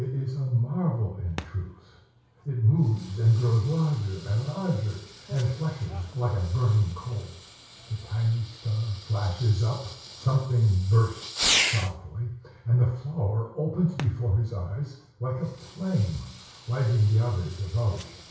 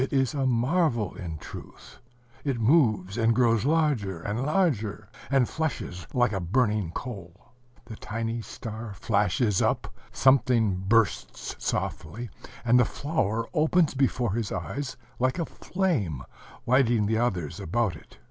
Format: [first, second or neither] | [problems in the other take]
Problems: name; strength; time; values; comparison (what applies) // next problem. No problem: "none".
second | background sound (Fireworks); 12 dB below the speech // room echo; dies away in 0.6 s